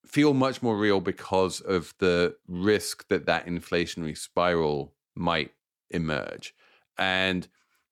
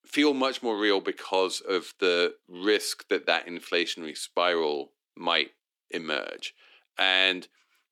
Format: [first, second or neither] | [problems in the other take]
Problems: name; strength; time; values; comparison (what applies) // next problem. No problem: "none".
first | thin; very slightly; fading below 300 Hz